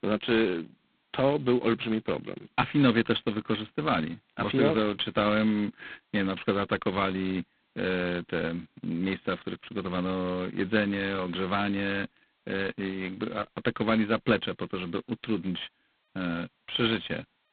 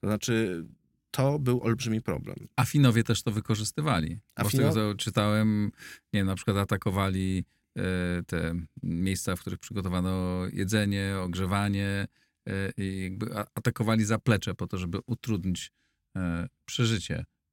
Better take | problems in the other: second | phone-call audio; poor line; nothing above 3.5 kHz

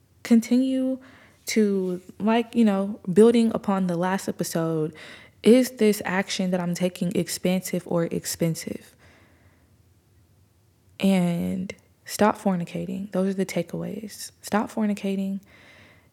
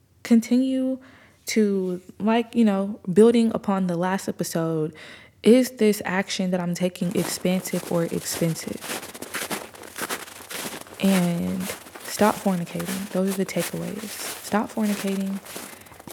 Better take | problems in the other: first | footsteps; noticeable; from 7 s on; peak 6 dB below the speech

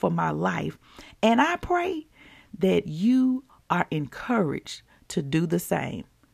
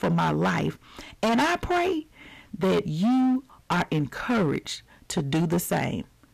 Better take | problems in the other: first | distortion; heavy; 14% of the sound clipped

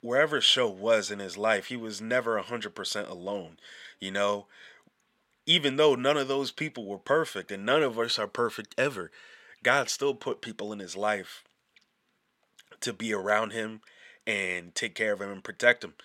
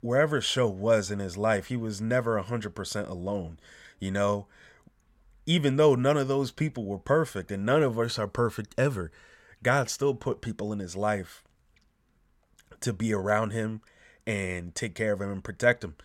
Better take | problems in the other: second | thin; somewhat; fading below 250 Hz

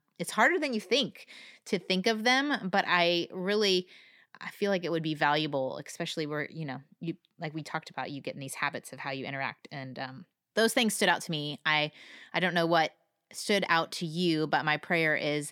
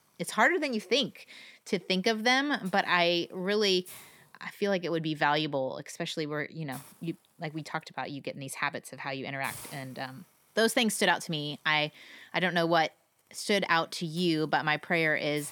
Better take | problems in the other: first | hiss; faint; throughout; 20 dB below the speech

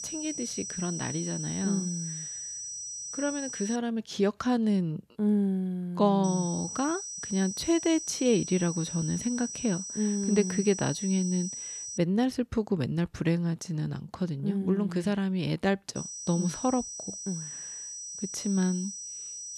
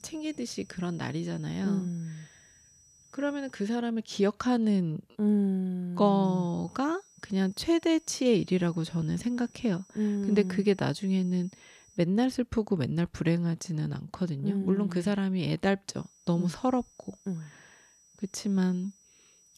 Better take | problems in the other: second | high-pitched whine; loud; until 4 s, from 6 to 12 s and from 16 s on; 6 kHz, 7 dB below the speech; faint in the second

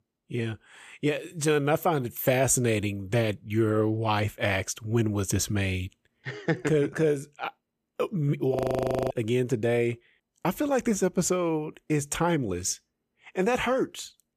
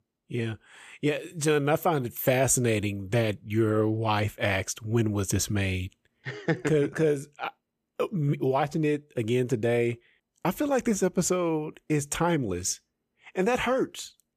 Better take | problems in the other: second | audio freezing; at 8.5 s for 0.5 s

